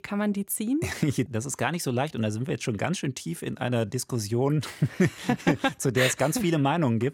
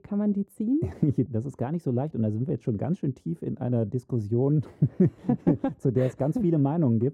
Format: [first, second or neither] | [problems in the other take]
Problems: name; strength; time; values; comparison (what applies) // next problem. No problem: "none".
first | muffled; very; fading above 1 kHz